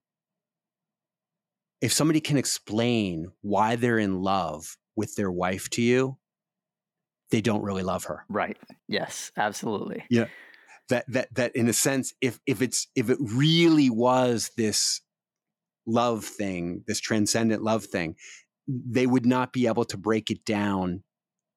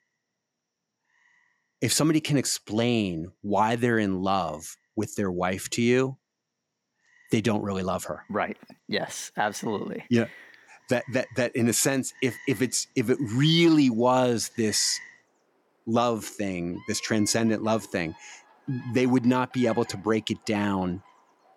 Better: first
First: none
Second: animal sounds; faint; throughout; 25 dB below the speech

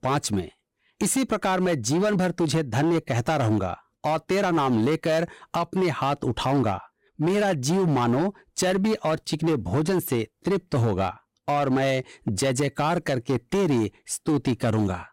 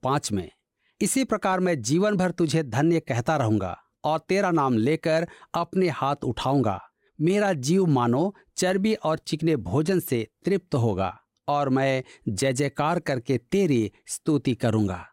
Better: second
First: distortion; slight; 14% of the sound clipped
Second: none

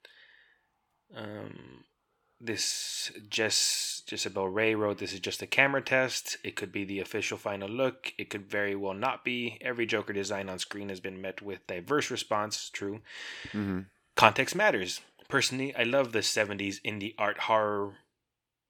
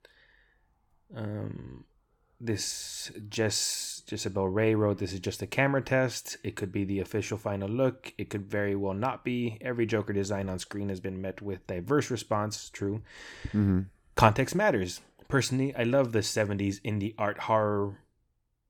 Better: second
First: thin; very slightly; fading below 850 Hz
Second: none

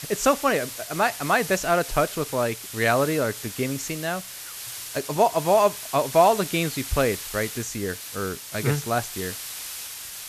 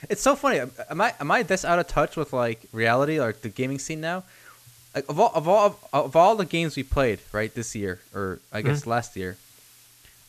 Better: second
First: hiss; loud; throughout; 9 dB below the speech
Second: hiss; faint; throughout; 25 dB below the speech

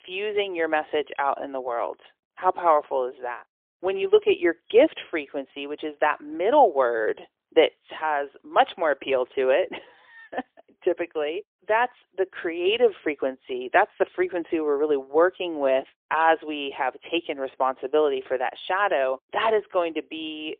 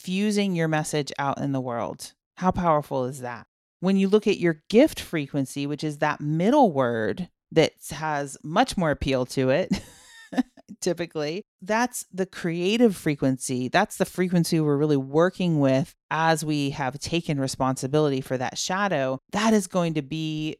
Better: second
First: phone-call audio; poor line; nothing above 3.5 kHz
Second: none

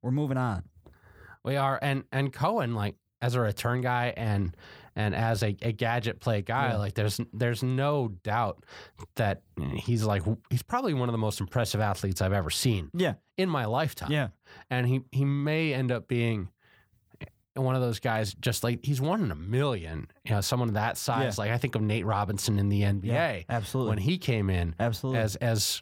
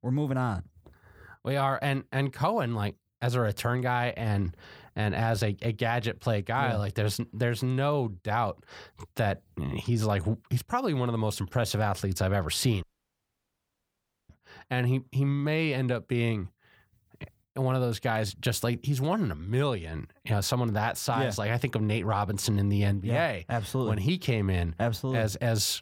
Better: first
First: none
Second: audio cutting out; at 13 s for 1.5 s

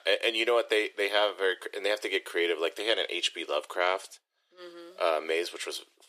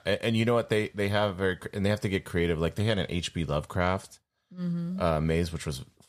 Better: second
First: thin; very; fading below 350 Hz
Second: none

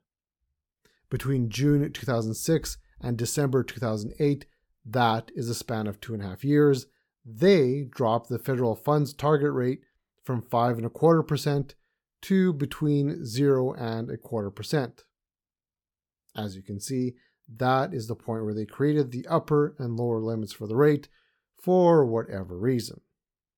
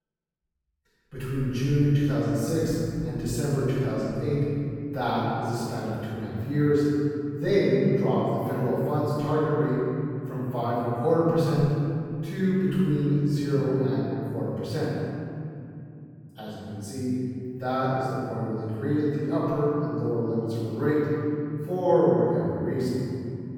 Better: first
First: none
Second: off-mic speech; far // room echo; strong; dies away in 3 s

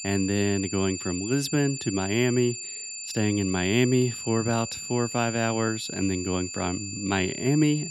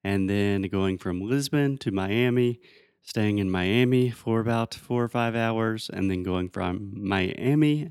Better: second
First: high-pitched whine; loud; throughout; 7 kHz, 7 dB below the speech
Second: none

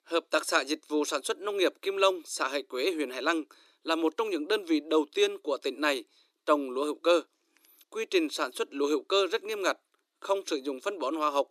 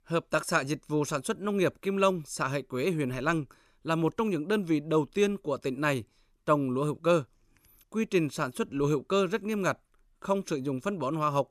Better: second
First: thin; somewhat; fading below 300 Hz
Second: none

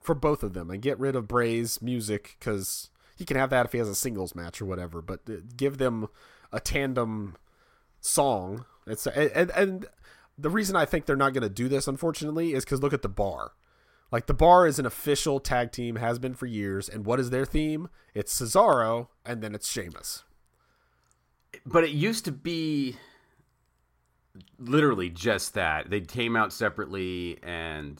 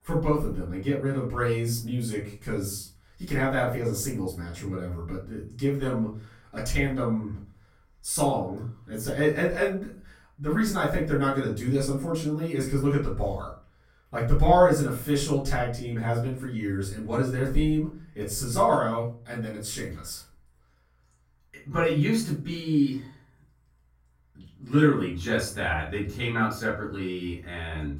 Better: first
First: none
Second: off-mic speech; far // room echo; slight; dies away in 0.4 s

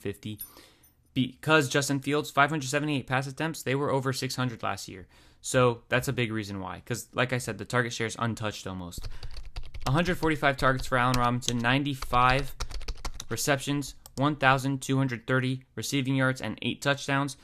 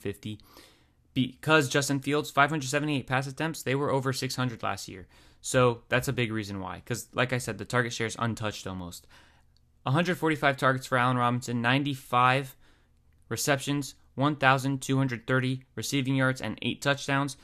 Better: second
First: jangling keys; faint; at 0.5 s; peak 15 dB below the speech // keyboard typing; noticeable; from 9 to 15 s; peak 5 dB below the speech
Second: none

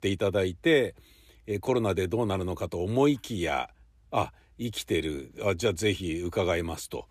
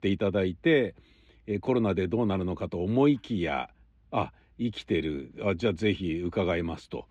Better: first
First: none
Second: muffled; slightly; fading above 3 kHz

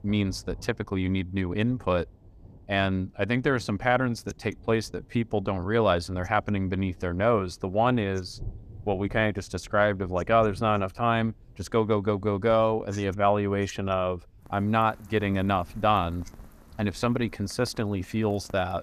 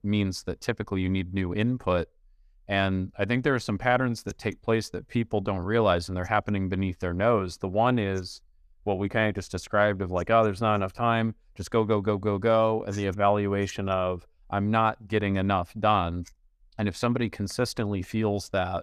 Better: second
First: rain or running water; faint; throughout; 25 dB below the speech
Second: none

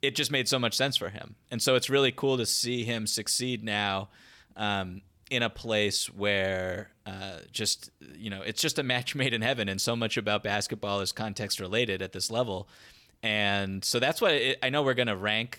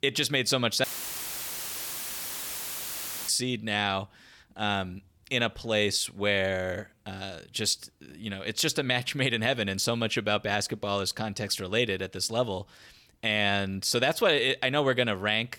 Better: first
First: none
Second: audio cutting out; filled with static; at 1 s for 2.5 s

